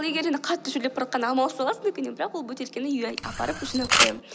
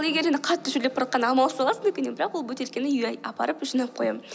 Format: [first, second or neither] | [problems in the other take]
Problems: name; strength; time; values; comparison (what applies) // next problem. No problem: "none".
second | background sound (Camera); 2 dB above the speech